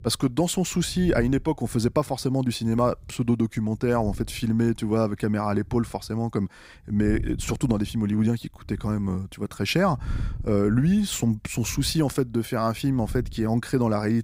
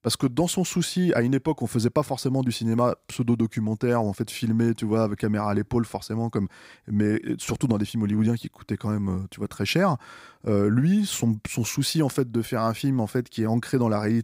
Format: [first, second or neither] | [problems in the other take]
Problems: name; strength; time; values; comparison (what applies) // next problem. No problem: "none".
second | wind noise on the microphone; occasional gusts; 25 dB below the speech